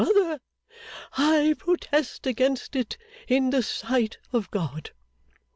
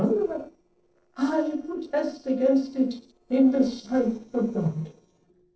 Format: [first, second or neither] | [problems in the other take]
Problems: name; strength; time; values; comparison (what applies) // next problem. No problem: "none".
first | noise reduction (neural separator model SepFormer DNS4)